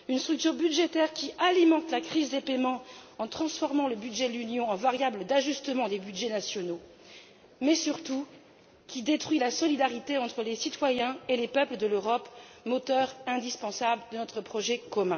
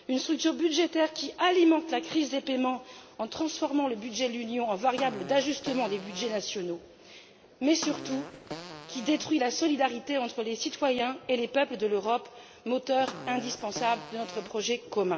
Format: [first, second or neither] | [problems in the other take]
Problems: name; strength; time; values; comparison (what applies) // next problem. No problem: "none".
first | background sound (Fart); 14 dB below the speech